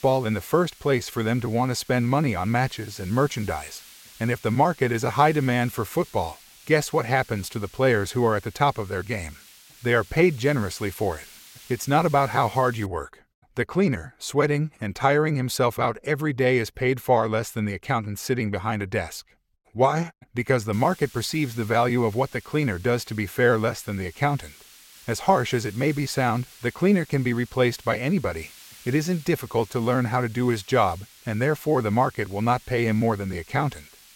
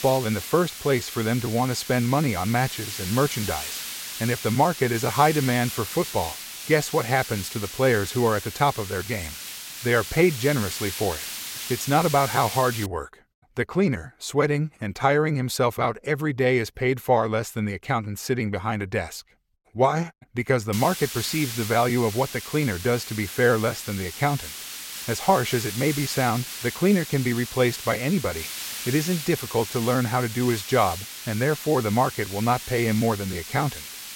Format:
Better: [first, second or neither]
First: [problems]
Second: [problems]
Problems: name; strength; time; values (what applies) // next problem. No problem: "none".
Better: first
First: hiss; faint; until 13 s and from 21 s on; 20 dB below the speech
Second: hiss; loud; until 13 s and from 21 s on; 8 dB below the speech